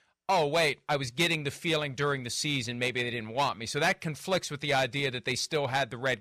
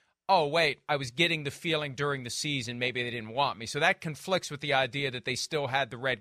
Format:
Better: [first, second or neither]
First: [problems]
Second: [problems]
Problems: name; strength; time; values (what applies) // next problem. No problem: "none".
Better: second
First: distortion; slight; 4% of the sound clipped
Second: none